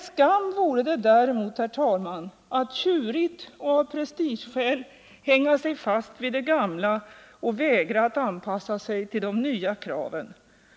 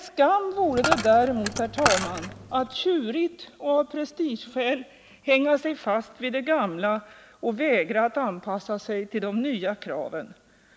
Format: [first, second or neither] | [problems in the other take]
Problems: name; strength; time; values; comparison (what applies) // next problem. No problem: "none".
first | background sound (Coin (dropping)); 4 dB below the speech